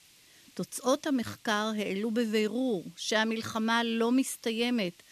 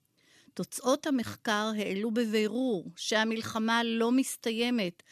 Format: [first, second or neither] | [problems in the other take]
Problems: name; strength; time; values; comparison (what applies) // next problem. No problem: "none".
second | hiss; faint; throughout; 30 dB below the speech